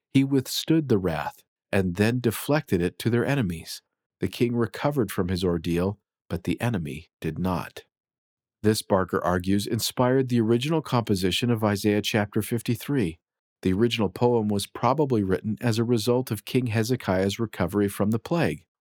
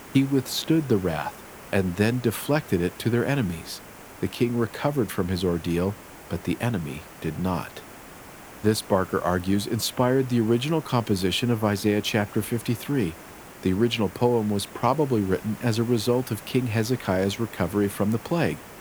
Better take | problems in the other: first | hiss; noticeable; throughout; 15 dB below the speech

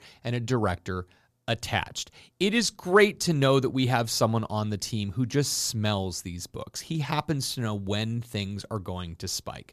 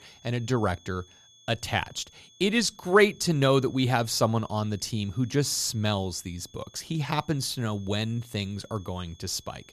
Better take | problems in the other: first | high-pitched whine; faint; throughout; 3.5 kHz, 25 dB below the speech

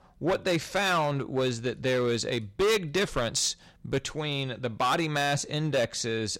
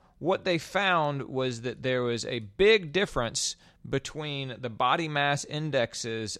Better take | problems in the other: second | distortion; heavy; 9% of the sound clipped

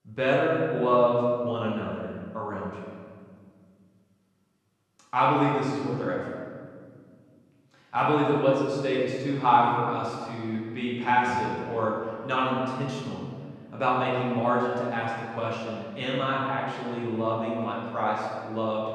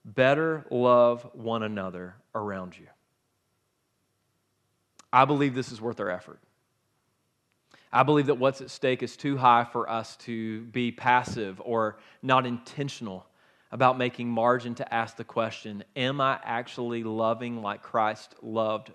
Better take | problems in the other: second | room echo; strong; dies away in 1.8 s // off-mic speech; far

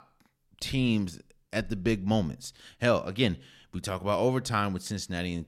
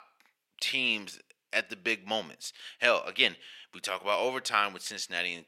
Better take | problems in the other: first | thin; very; fading below 550 Hz

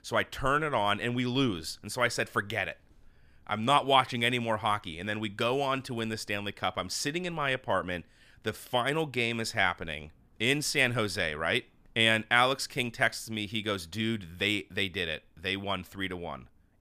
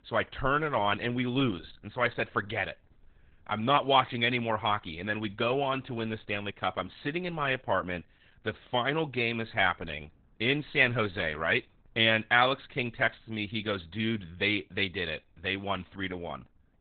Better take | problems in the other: first | garbled, watery; badly; nothing above 3.5 kHz

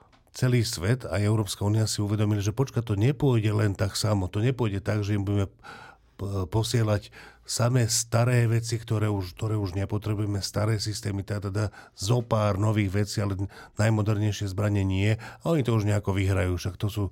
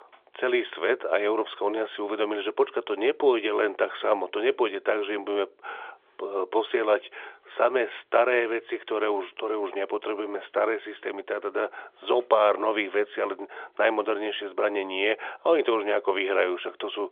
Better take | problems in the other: first | phone-call audio; nothing above 3.5 kHz

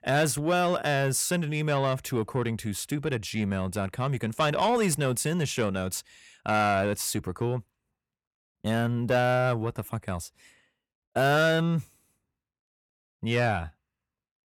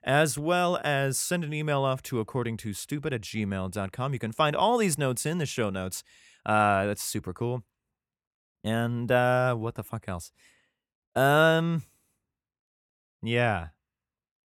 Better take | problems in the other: second | distortion; slight; 10 dB below the speech

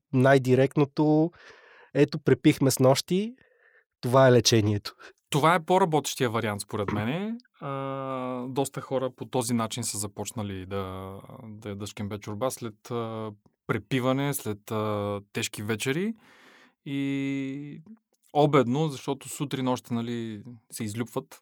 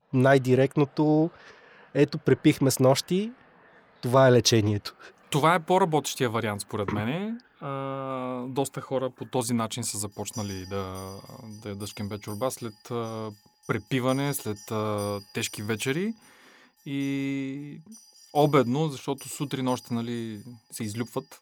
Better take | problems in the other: first | household noises; faint; throughout; 25 dB below the speech

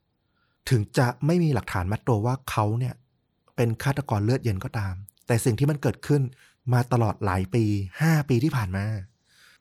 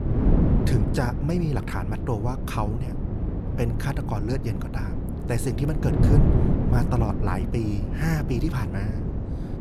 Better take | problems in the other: first | wind noise on the microphone; heavy; 2 dB below the speech

